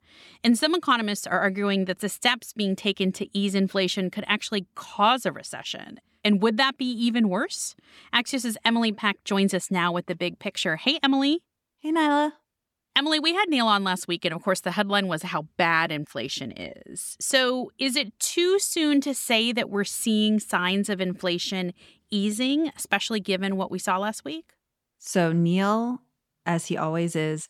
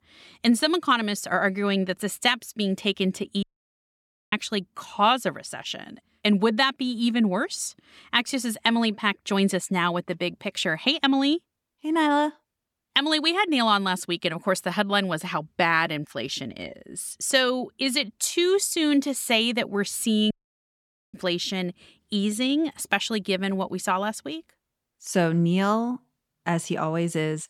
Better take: first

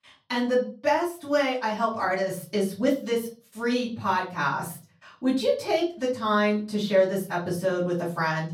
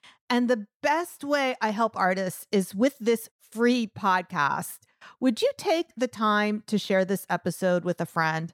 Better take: second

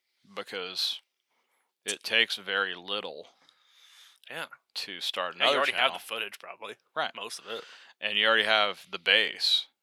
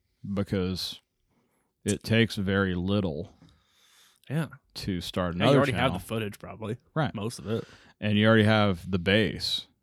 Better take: second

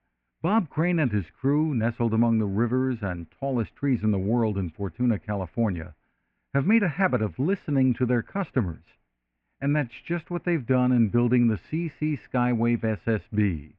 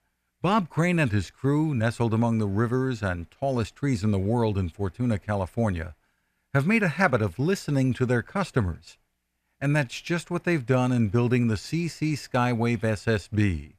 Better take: second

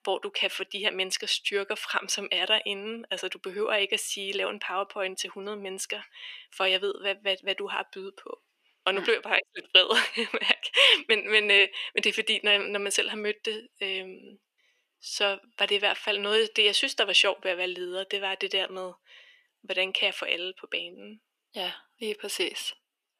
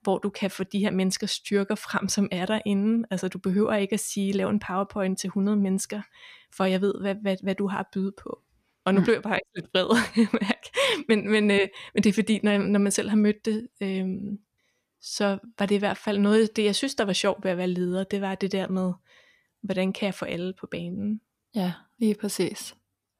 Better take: second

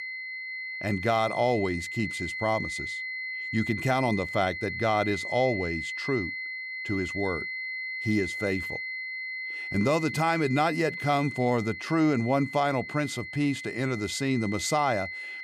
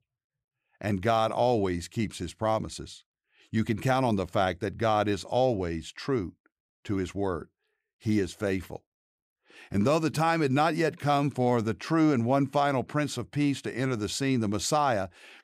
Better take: second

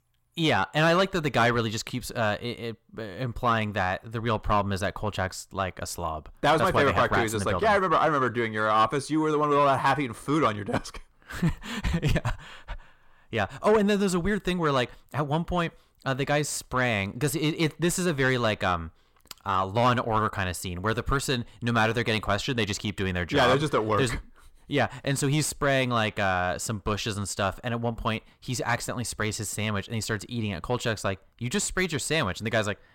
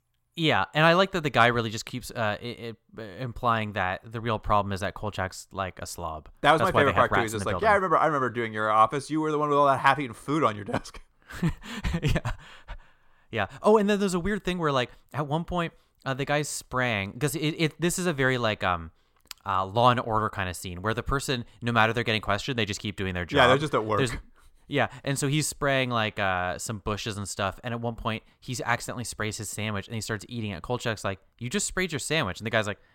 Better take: second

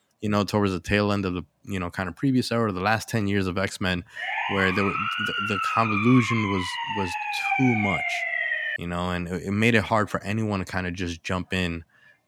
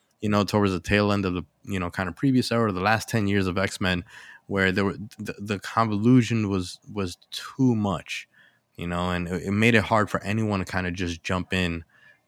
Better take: second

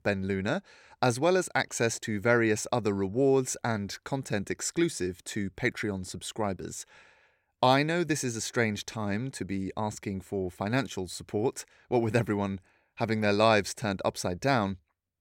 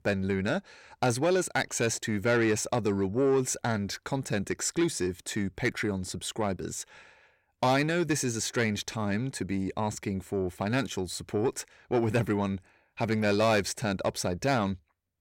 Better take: first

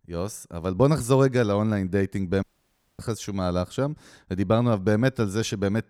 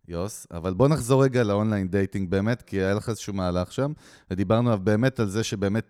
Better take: second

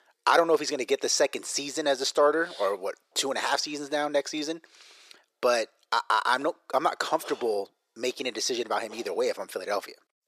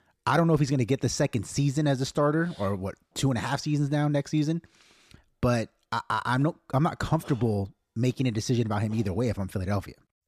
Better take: second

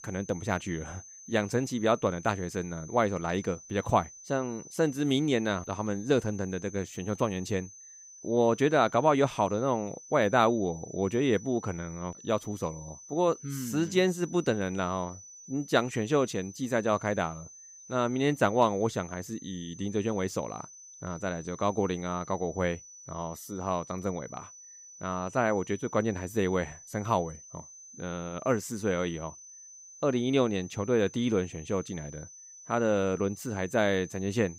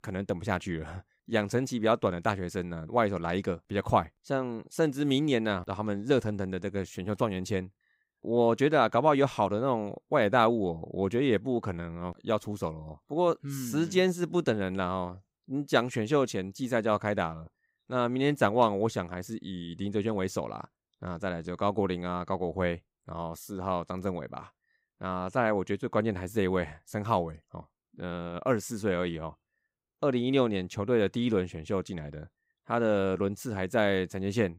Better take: second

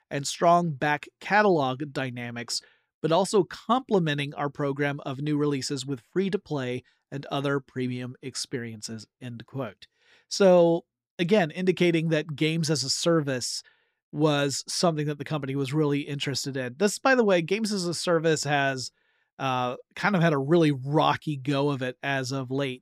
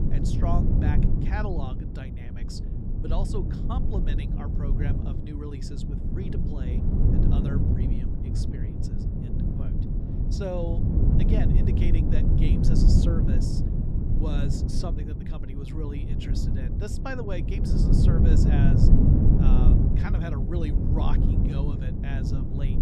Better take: first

